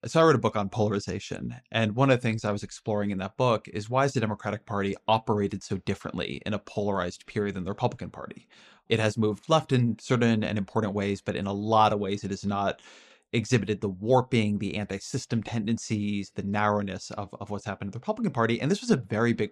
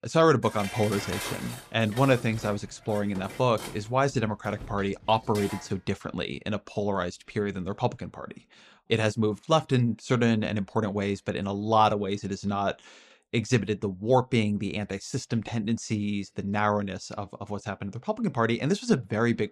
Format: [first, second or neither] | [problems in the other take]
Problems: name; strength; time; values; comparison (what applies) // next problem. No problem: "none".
first | clattering dishes; noticeable; until 5.5 s; peak 6 dB below the speech